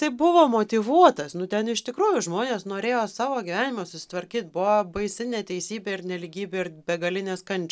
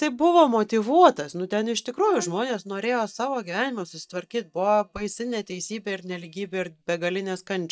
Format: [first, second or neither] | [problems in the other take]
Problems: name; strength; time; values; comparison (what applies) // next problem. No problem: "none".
first | noise reduction (neural mask model DeepFilterNet 3)